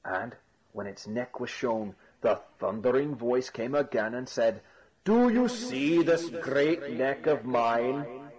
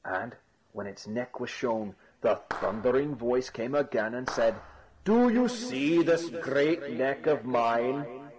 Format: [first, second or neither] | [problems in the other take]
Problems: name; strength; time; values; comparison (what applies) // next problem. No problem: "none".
first | background sound (Clapping); 12 dB below the speech